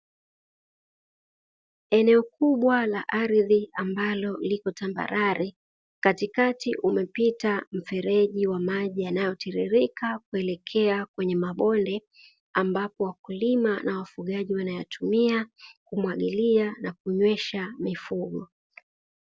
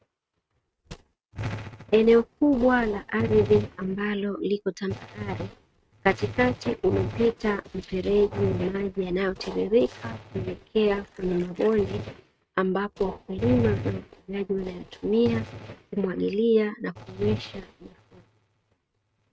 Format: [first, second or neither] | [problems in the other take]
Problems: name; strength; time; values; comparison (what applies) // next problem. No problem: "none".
first | noise reduction (neural mask model RNNoise)